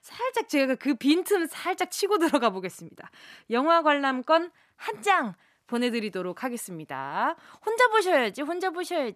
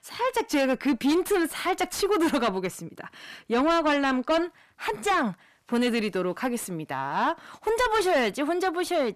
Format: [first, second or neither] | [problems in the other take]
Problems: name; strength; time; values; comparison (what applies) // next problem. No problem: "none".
first | distortion; heavy; 7 dB below the speech